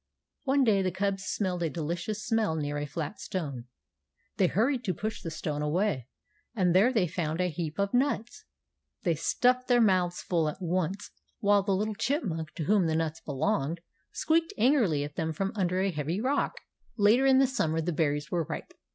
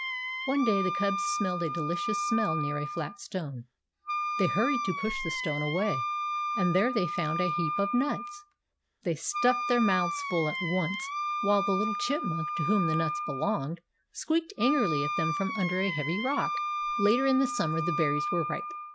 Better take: first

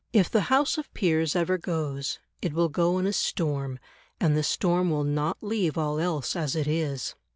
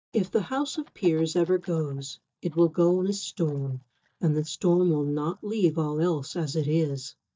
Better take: first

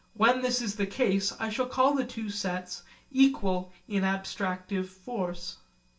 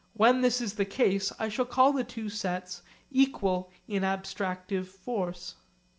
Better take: second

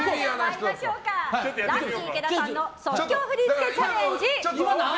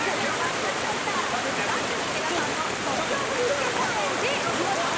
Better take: first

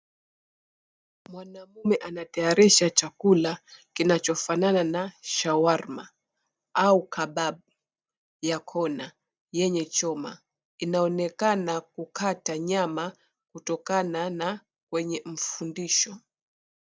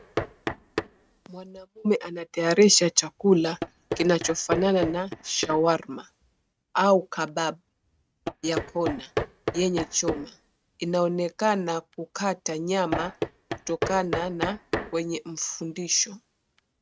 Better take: first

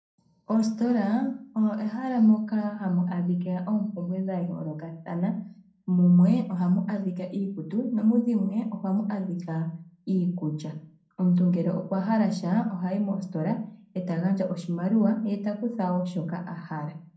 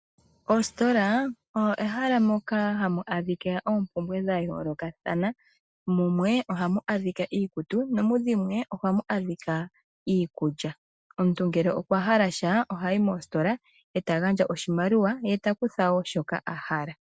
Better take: second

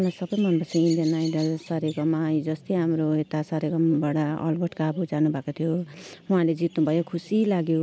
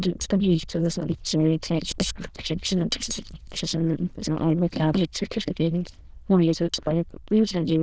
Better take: first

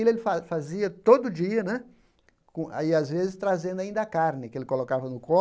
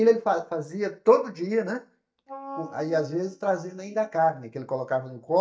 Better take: first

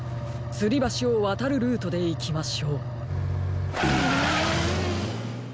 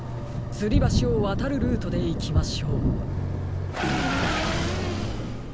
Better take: first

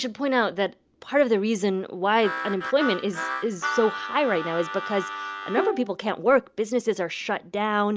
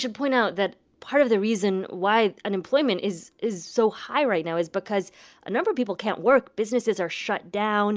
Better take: second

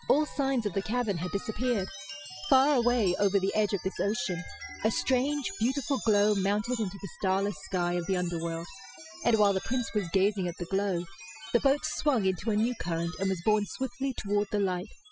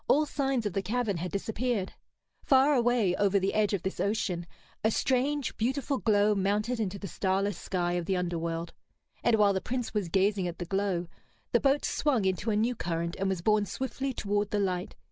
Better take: second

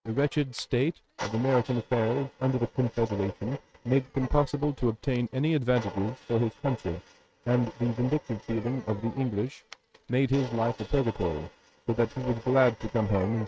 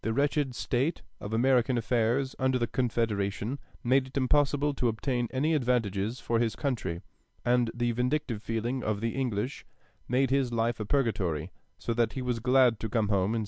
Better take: second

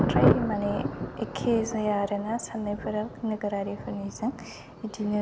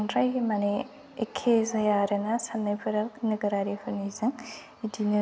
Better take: second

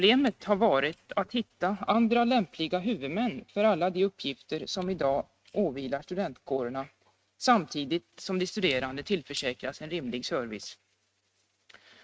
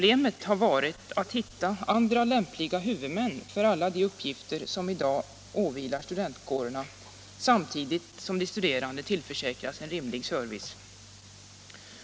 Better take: second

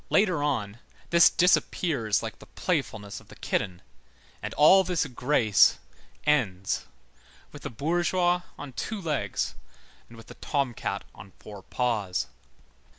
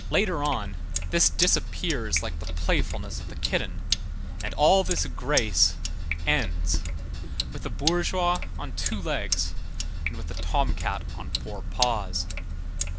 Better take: first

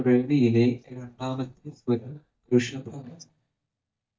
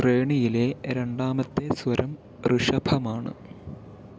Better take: second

